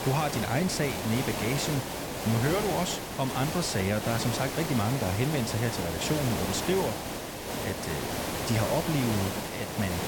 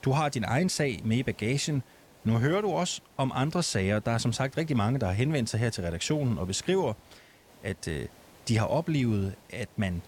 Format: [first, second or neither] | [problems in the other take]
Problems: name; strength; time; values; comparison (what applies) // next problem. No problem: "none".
second | hiss; loud; throughout; 2 dB below the speech; faint in the second